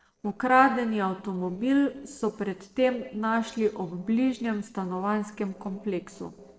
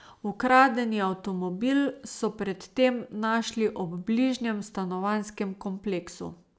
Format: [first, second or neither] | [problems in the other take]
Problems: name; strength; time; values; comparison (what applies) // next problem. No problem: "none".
second | noise reduction (neural separator model SepFormer DNS4)